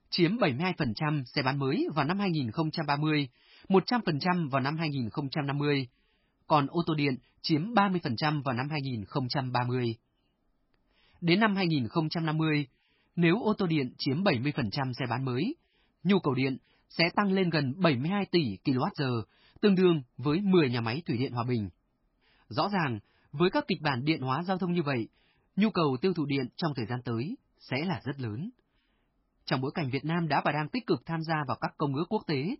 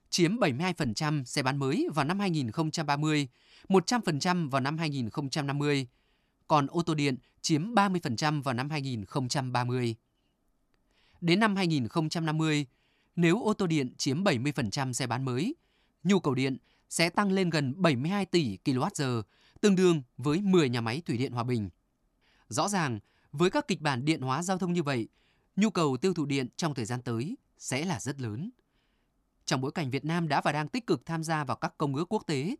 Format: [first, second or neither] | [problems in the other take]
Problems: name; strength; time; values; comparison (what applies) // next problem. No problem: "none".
second | garbled, watery; badly; nothing above 5.5 kHz